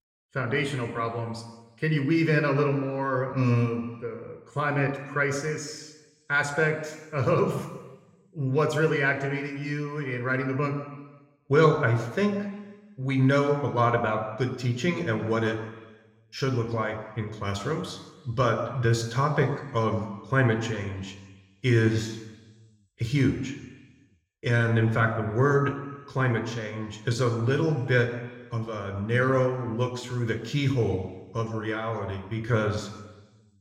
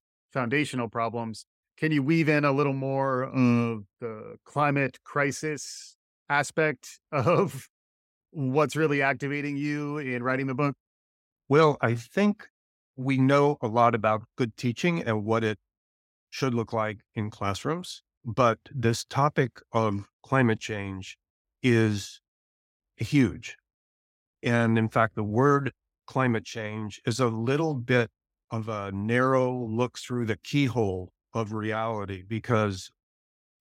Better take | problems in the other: second | room echo; slight; dies away in 1.1 s

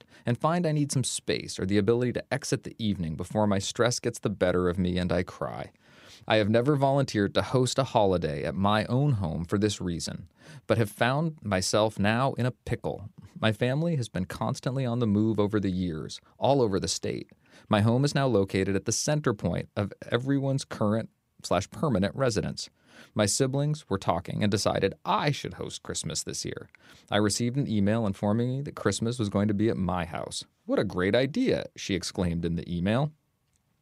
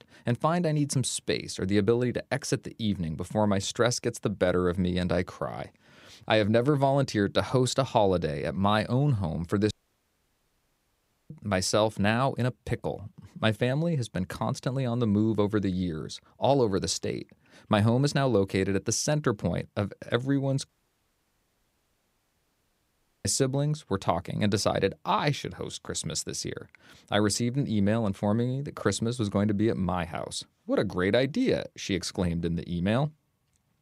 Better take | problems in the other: first | audio cutting out; at 9.5 s for 1.5 s and at 21 s for 2.5 s

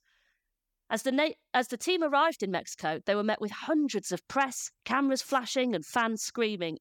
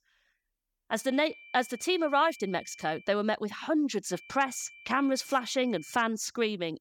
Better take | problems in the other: first | high-pitched whine; faint; from 1 to 3 s and from 4 to 6 s; 2.5 kHz, 20 dB below the speech

